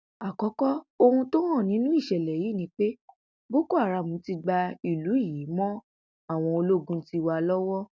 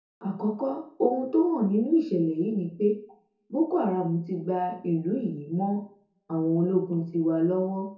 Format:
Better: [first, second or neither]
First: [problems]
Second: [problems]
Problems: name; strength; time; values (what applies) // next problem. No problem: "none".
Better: first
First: none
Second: room echo; dies away in 0.6 s